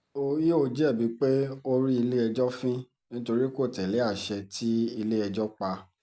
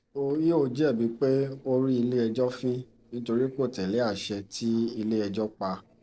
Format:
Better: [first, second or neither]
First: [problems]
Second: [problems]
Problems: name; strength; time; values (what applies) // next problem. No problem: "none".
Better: first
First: none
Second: noise reduction (neural separator model SepFormer DNS4)